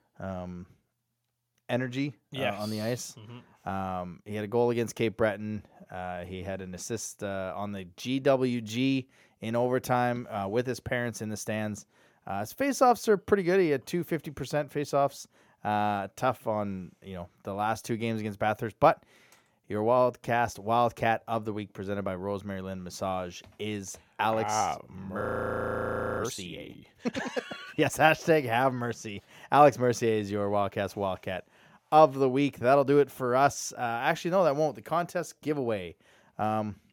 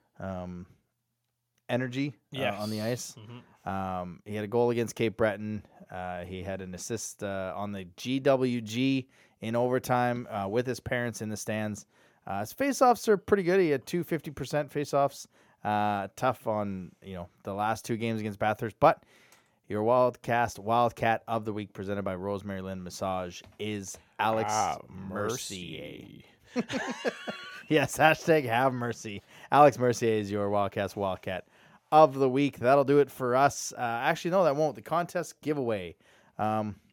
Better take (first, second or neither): second